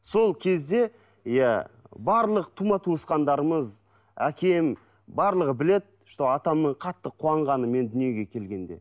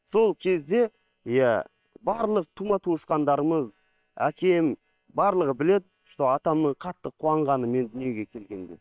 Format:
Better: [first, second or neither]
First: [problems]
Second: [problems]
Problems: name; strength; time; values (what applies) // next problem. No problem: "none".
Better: first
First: none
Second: noise reduction (neural separator model SepFormer WHAM!)